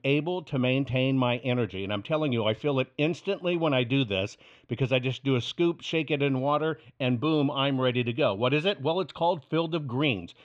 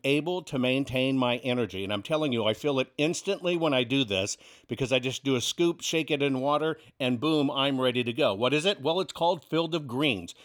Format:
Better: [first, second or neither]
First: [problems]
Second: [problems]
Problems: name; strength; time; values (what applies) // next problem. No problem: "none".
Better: second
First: muffled; slightly; fading above 2.5 kHz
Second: none